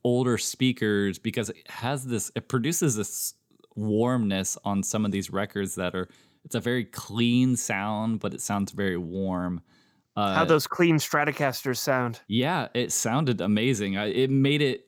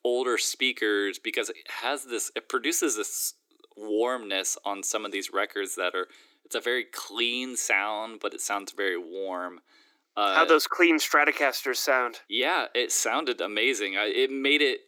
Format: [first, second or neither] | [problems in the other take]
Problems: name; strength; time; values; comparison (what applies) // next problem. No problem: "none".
first | thin; very; fading below 300 Hz